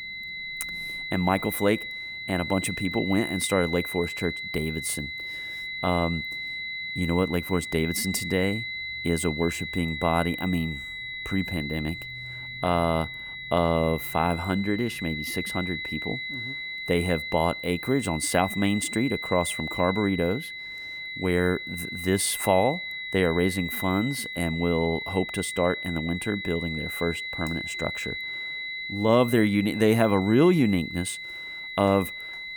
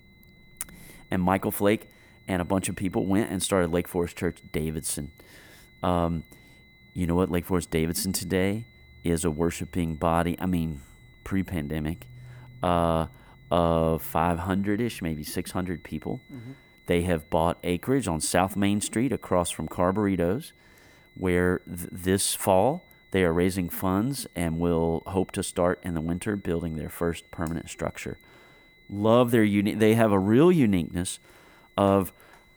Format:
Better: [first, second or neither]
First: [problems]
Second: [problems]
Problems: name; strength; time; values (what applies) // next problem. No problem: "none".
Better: second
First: high-pitched whine; loud; throughout; 2 kHz, 6 dB below the speech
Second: high-pitched whine; faint; throughout; 2 kHz, 30 dB below the speech